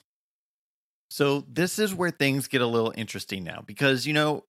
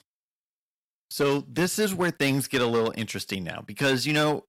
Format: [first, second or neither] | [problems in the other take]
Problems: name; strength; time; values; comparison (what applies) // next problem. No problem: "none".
first | distortion; slight; 5% of the sound clipped